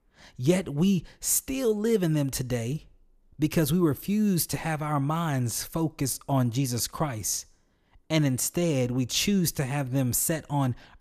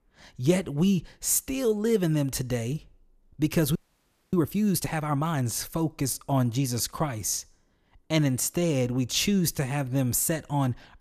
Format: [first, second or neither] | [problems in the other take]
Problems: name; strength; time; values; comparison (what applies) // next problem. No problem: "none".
first | audio freezing; at 4 s for 0.5 s